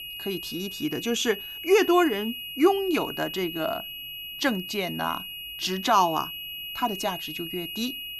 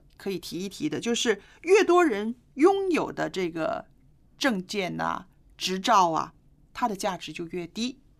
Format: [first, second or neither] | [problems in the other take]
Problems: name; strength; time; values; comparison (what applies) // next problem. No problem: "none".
second | high-pitched whine; loud; throughout; 3 kHz, 8 dB below the speech